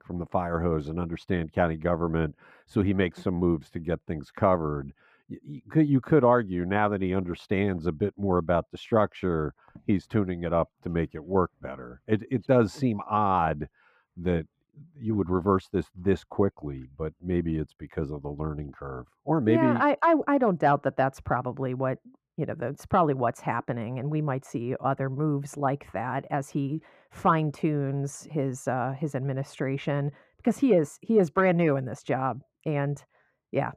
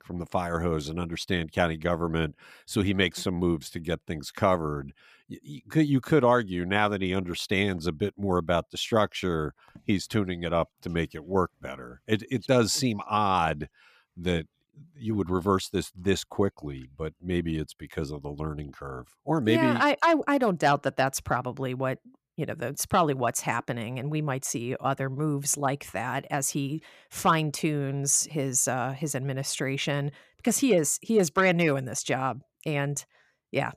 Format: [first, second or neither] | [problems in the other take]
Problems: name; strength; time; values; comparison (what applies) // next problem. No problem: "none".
second | muffled; very; fading above 2.5 kHz